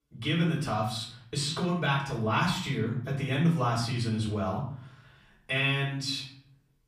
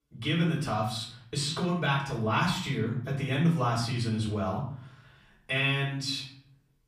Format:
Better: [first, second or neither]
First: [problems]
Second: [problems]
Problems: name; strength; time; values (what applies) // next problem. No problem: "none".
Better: neither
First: off-mic speech; far // room echo; slight; dies away in 0.5 s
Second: off-mic speech; far // room echo; slight; dies away in 0.5 s